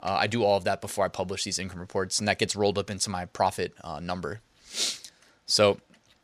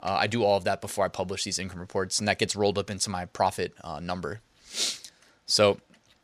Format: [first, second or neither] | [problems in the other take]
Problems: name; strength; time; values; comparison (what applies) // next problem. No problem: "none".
neither | none